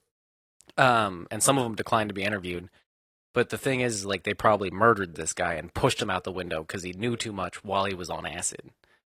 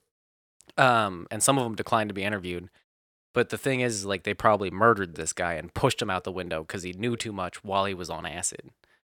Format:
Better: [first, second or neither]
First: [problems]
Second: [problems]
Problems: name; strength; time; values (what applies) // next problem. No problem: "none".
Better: second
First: garbled, watery; slightly; nothing above 14.5 kHz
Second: none